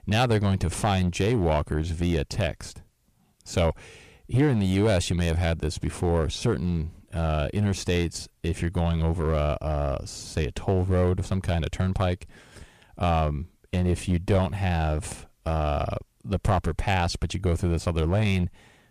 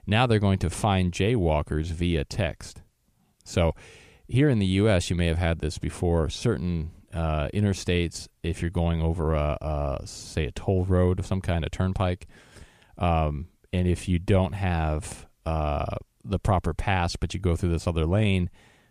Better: second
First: distortion; slight; 5% of the sound clipped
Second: none

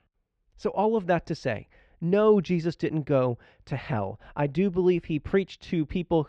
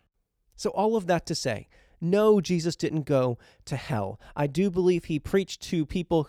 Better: second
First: muffled; slightly; fading above 2.5 kHz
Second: none

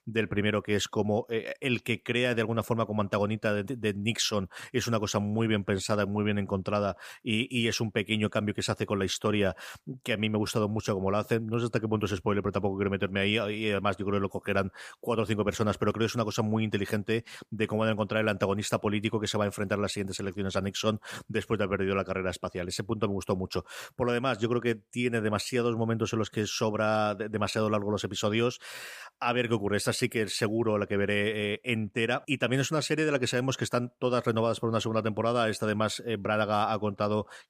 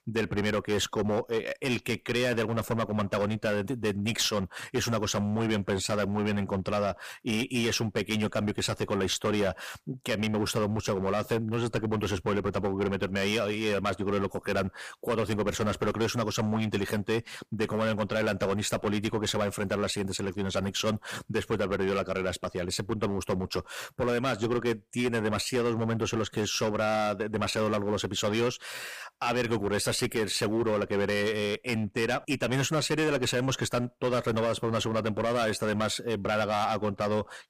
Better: first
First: none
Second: distortion; heavy; 10% of the sound clipped

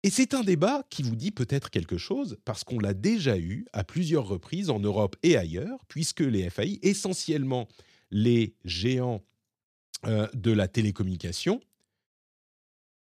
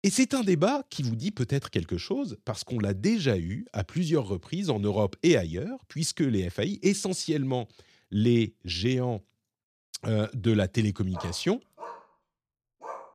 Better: first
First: none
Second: dog barking; faint; from 11 s on; peak 15 dB below the speech

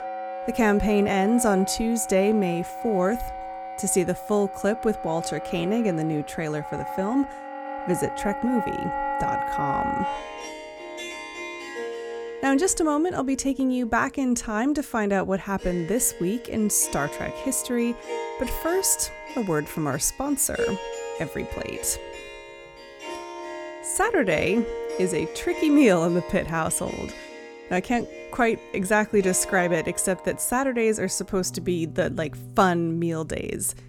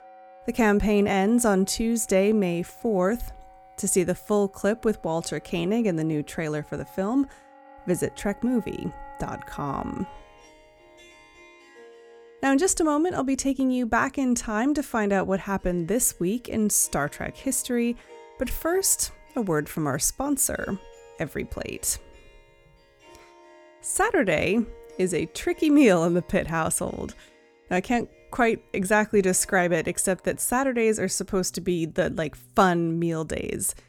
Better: second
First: background music; loud; throughout; 9 dB below the speech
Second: background music; faint; throughout; 25 dB below the speech

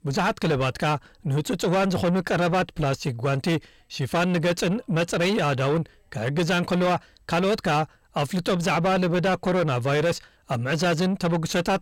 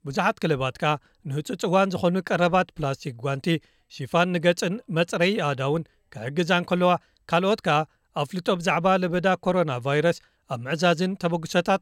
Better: second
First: distortion; heavy; 6 dB below the speech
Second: none

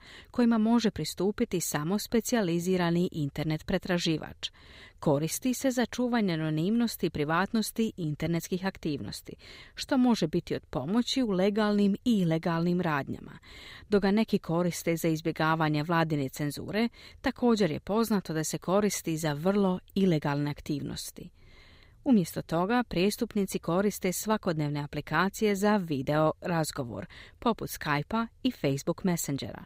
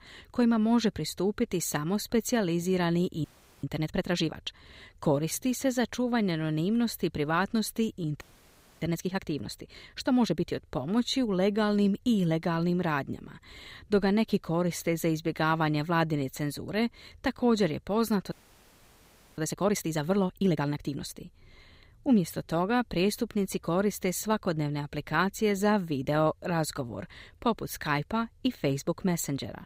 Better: first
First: none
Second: audio freezing; at 3 s, at 8 s for 0.5 s and at 18 s for 1 s

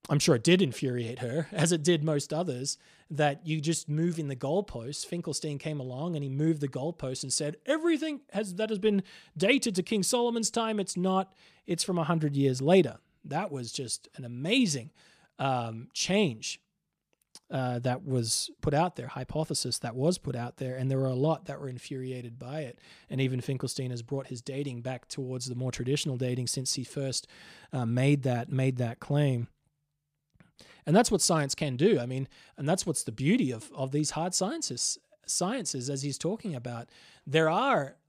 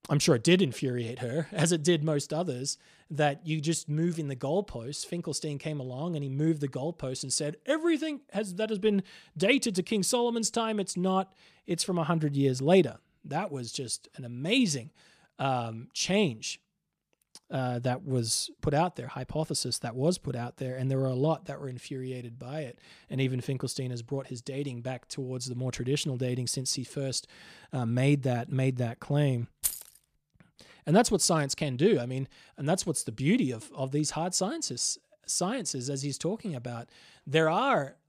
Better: first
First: none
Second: jangling keys; noticeable; at 30 s; peak 2 dB below the speech

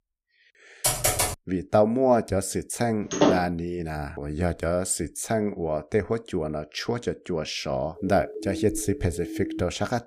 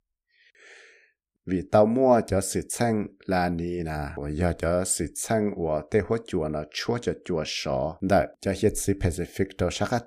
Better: second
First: keyboard typing; loud; at 1 s; peak 4 dB above the speech // door banging; loud; at 3 s; peak 4 dB above the speech // siren; noticeable; from 8 s on; peak 7 dB below the speech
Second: none

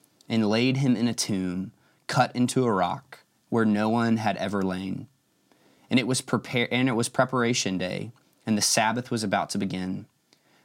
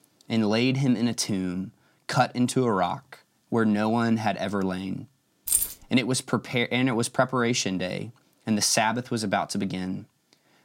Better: first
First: none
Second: jangling keys; loud; at 5.5 s; peak 2 dB above the speech

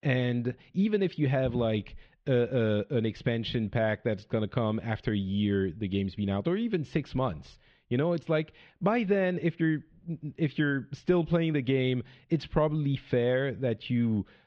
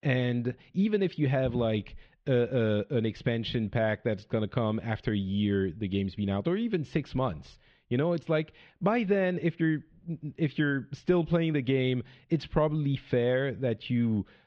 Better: neither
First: muffled; very; fading above 3 kHz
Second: muffled; very; fading above 3 kHz

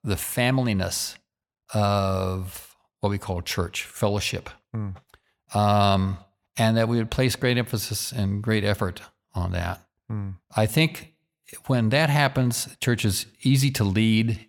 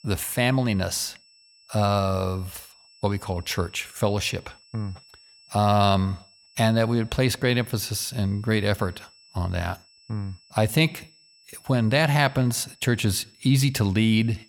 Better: first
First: none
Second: high-pitched whine; faint; throughout; 5.5 kHz, 30 dB below the speech

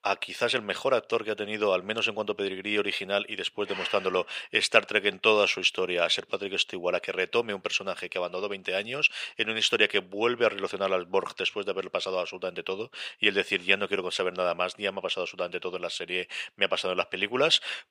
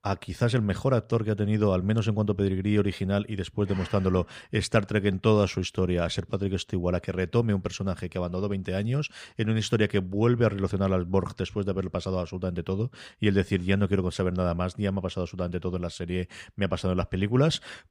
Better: second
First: thin; very; fading below 550 Hz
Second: none

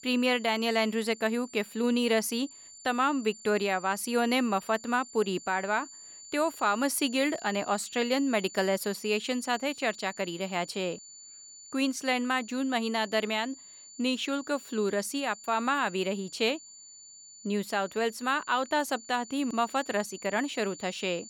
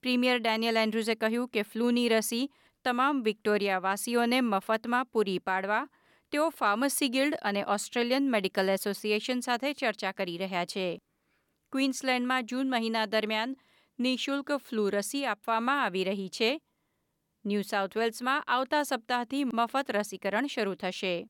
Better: second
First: high-pitched whine; noticeable; throughout; 7 kHz, 15 dB below the speech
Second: none

